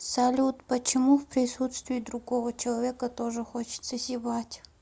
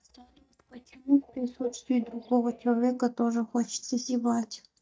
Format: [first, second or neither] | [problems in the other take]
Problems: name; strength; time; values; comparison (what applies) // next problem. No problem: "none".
first | noise reduction (neural mask model DeepFilterNet 3)